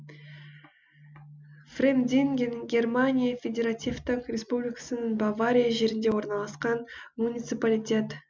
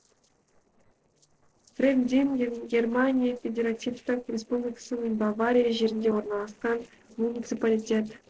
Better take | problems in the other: first | noise reduction (neural separator model SepFormer DNS4)

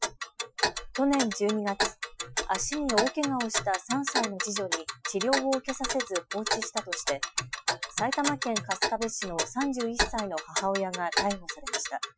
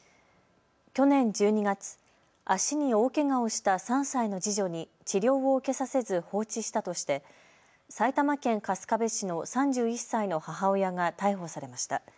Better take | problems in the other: second | noise reduction (classical method Wiener filter)

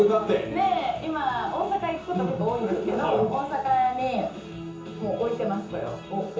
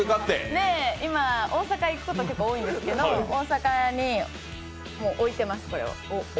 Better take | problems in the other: second | room echo; dies away in 0.6 s

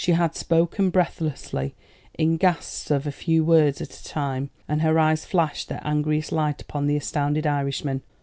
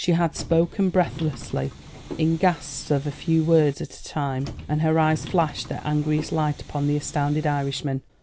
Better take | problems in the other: first | background sound (Subway, metro, underground); 15 dB below the speech

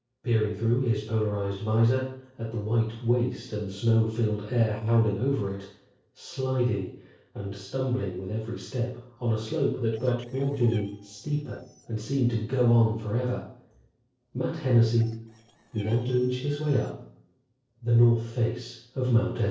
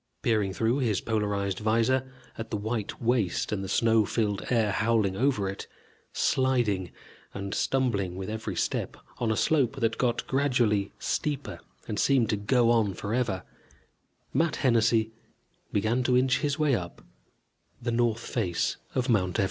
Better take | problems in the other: second | noise reduction (neural separator model SepFormer DNS4)

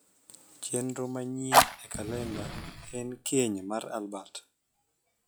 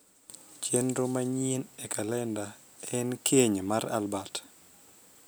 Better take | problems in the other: second | noise reduction (classical method log-MMSE)

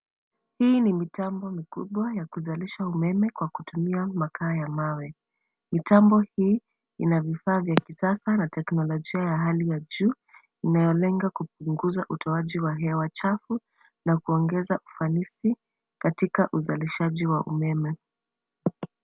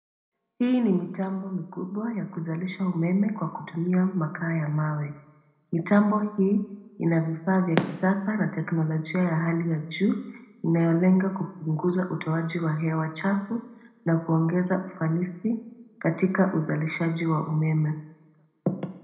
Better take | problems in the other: first | room echo; dies away in 0.9 s

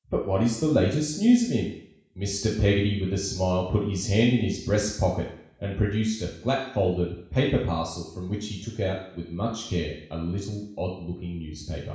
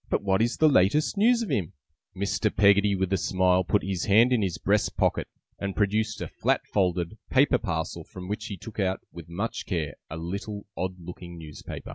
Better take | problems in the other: second | room echo; dies away in 0.7 s

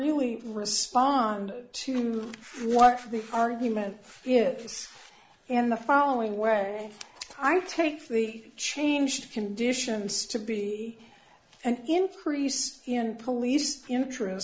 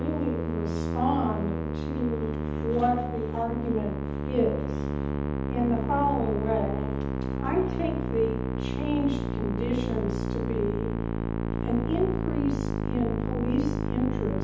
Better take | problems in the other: first | background sound (Musical instrument); 1 dB above the speech // room echo; dies away in 0.8 s

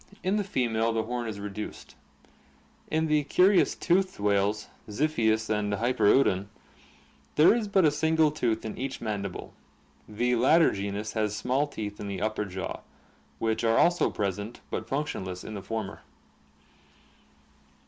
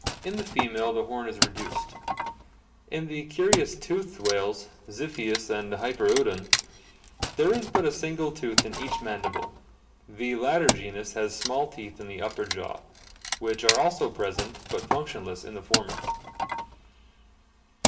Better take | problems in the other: first | background sound (Wood); 2 dB below the speech // room echo; dies away in 0.8 s

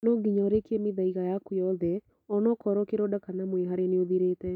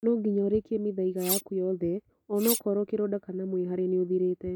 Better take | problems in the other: first | background sound (Cutlery, silverware); 6 dB below the speech

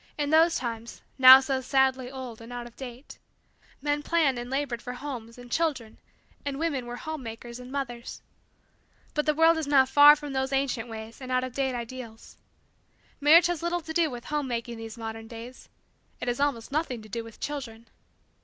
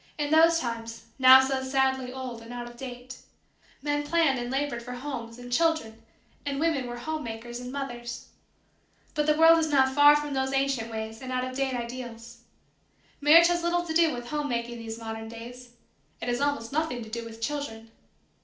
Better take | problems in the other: first | room echo; dies away in 0.4 s

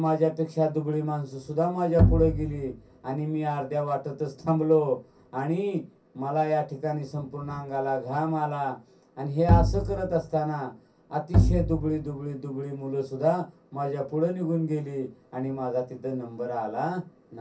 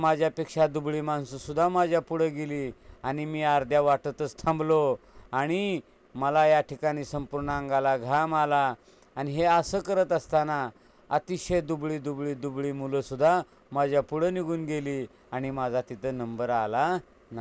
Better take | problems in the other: second | background sound (Bowed string instrument); 3 dB above the speech // room echo; dies away in 0.3 s

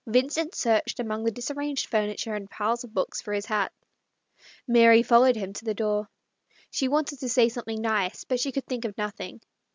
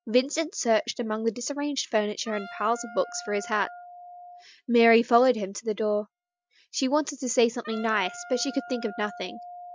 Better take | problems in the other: first | noise reduction (classical method Wiener filter)

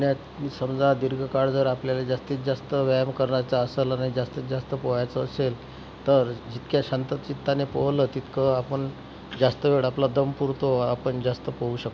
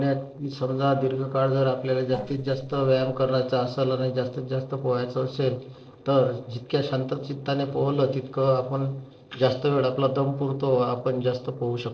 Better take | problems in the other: first | noise reduction (neural separator model SepFormer DNS4)

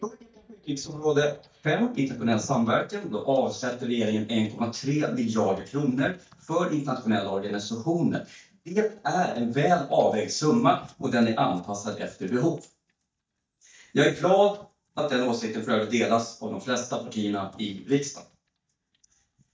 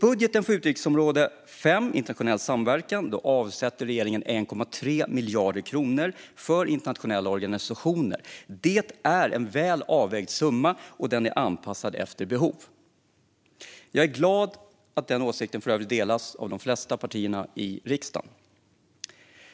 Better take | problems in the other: second | noise reduction (neural mask model DeepFilterNet 3)

